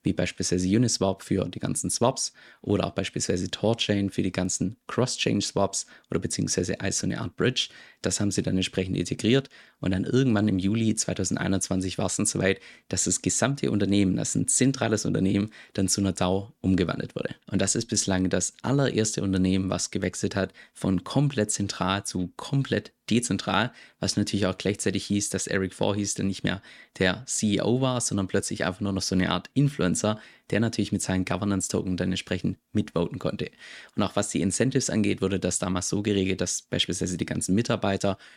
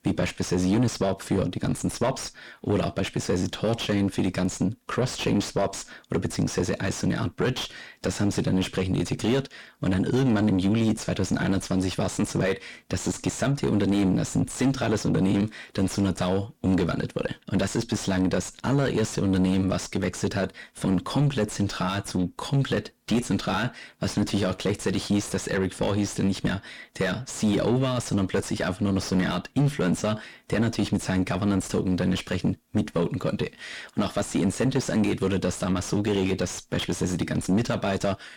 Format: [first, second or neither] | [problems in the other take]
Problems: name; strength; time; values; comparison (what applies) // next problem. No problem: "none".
first | distortion; heavy; 6 dB below the speech